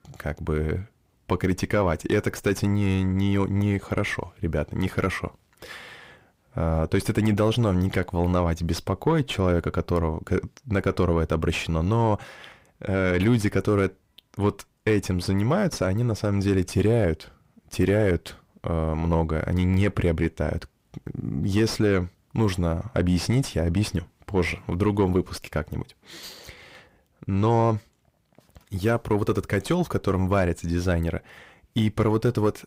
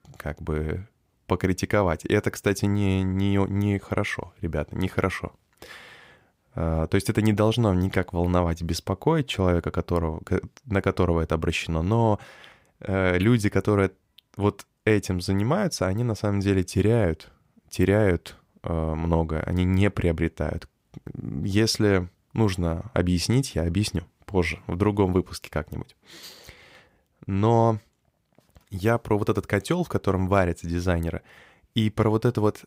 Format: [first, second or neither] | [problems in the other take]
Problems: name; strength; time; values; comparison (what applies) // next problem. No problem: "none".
second | distortion; slight; 10 dB below the speech